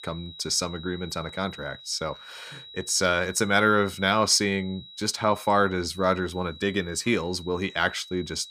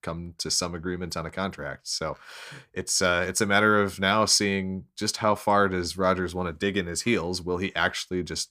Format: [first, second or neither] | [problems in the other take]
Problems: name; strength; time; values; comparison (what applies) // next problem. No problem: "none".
second | high-pitched whine; noticeable; throughout; 4 kHz, 15 dB below the speech